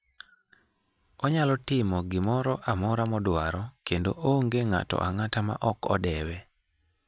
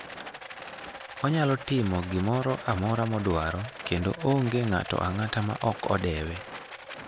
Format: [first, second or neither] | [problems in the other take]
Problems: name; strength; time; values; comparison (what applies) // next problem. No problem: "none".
first | background sound (Rattle); 13 dB below the speech